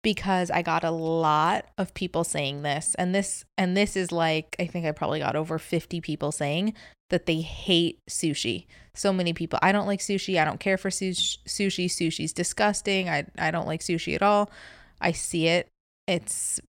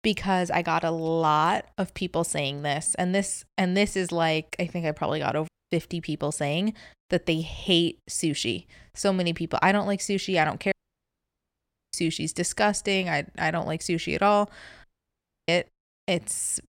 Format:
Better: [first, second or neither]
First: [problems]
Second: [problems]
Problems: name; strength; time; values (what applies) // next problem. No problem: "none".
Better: first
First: none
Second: audio cutting out; at 5.5 s, at 11 s for 1 s and at 15 s for 0.5 s